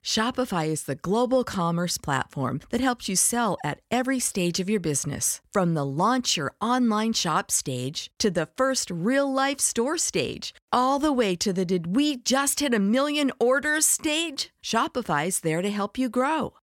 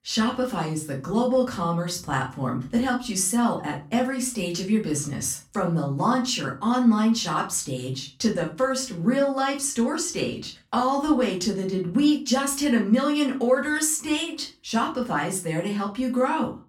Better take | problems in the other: first | off-mic speech; far // room echo; very slight; dies away in 0.3 s

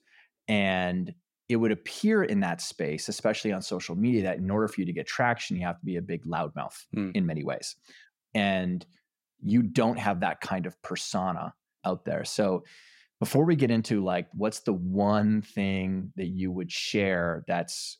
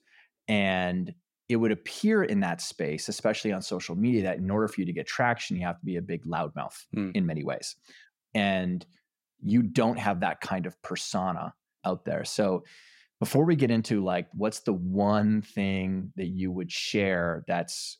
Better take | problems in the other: neither | none

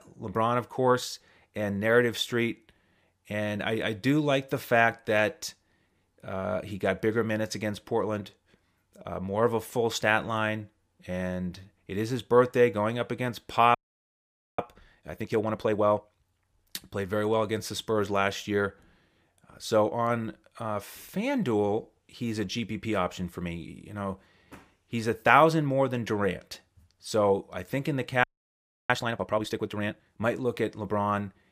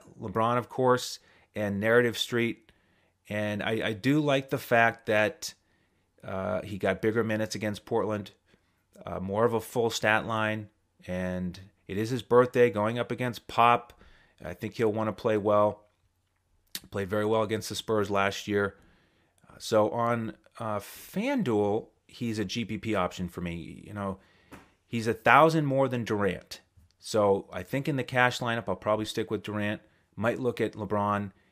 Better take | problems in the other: second | audio freezing; at 14 s for 1 s and at 28 s for 0.5 s

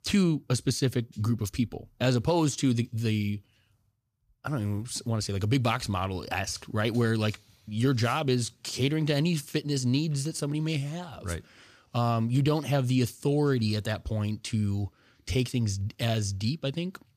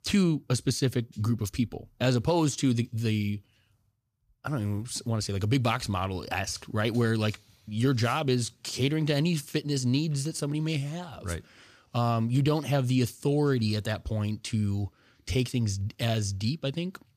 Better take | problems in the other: neither | none

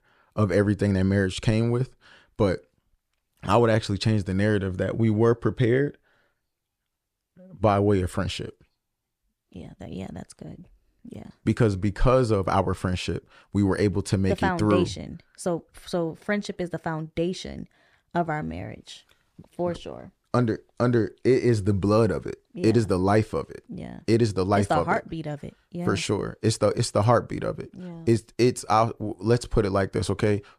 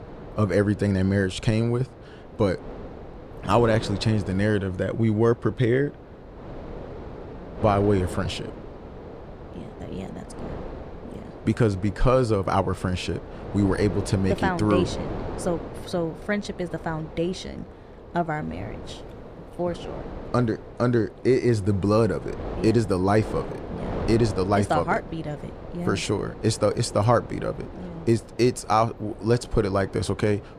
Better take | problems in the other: first | wind noise on the microphone; occasional gusts; 15 dB below the speech

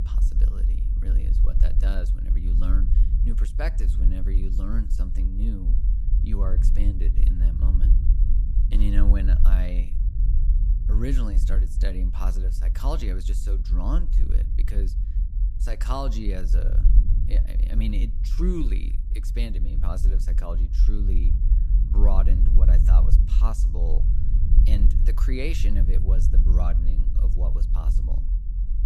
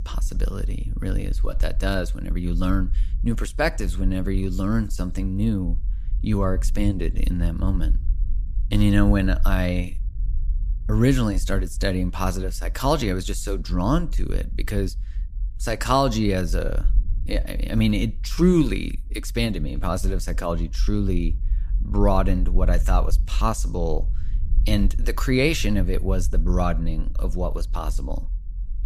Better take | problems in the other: second | low rumble; loud; throughout; 6 dB below the speech; faint in the second

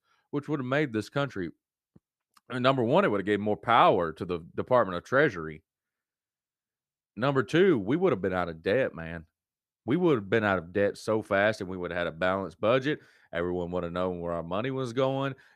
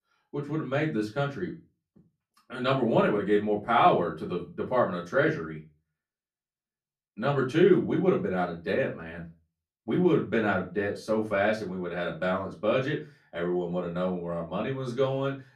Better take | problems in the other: first | off-mic speech; far // room echo; very slight; dies away in 0.3 s

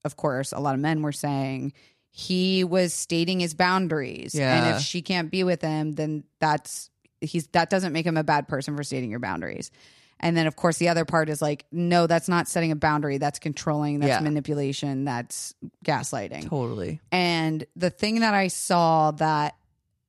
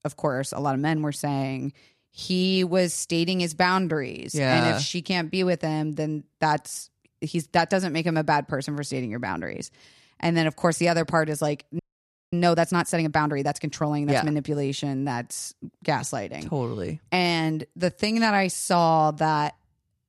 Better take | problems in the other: first | audio freezing; at 12 s for 0.5 s

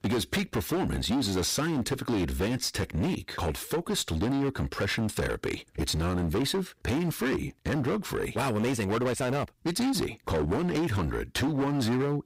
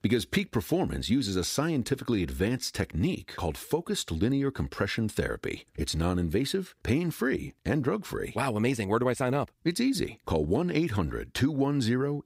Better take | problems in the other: second | distortion; heavy; 23% of the sound clipped

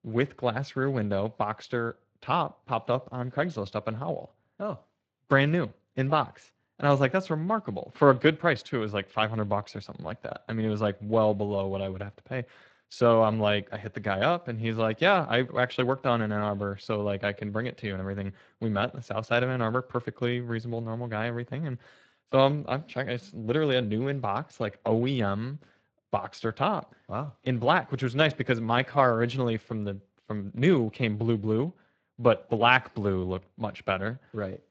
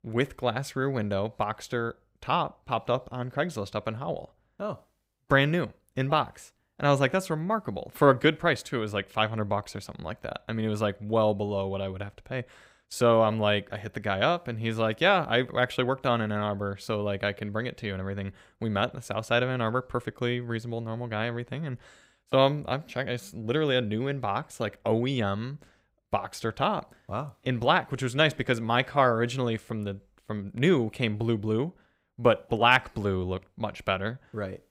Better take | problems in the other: second | garbled, watery; slightly

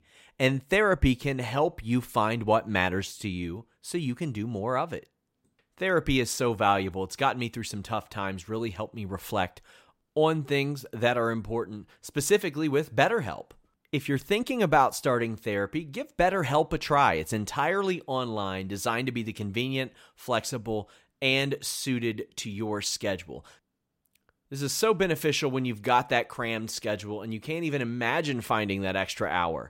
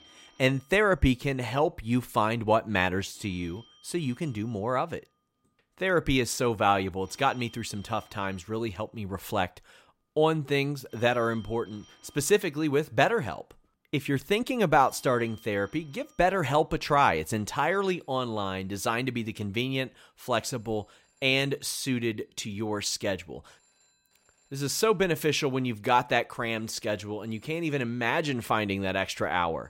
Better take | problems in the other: first | alarms or sirens; faint; throughout; 30 dB below the speech

